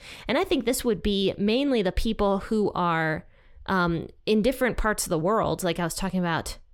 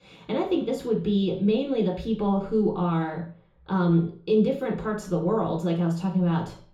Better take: first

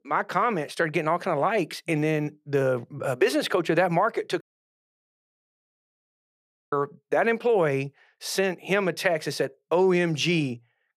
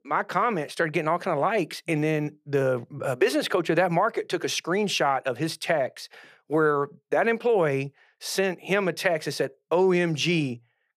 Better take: second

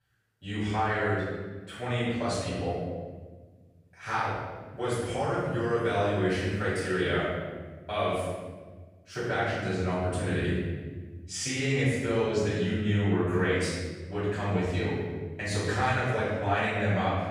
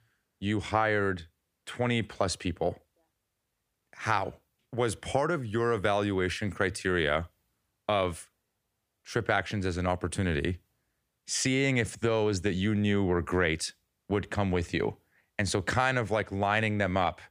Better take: second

